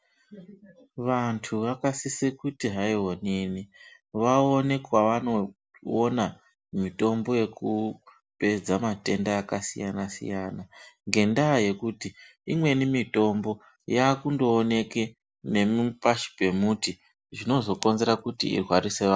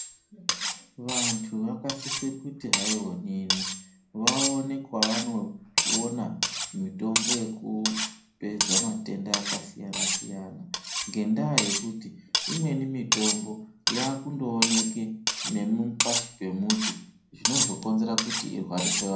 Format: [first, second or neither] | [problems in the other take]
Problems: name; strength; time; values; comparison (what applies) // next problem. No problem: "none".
first | background sound (Cutlery, silverware); 1 dB above the speech // room echo; dies away in 0.5 s